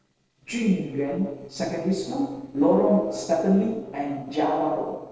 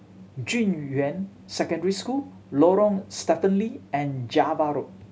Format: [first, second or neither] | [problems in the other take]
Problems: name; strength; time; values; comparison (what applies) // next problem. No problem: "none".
second | noise reduction (neural separator model SepFormer DNS4)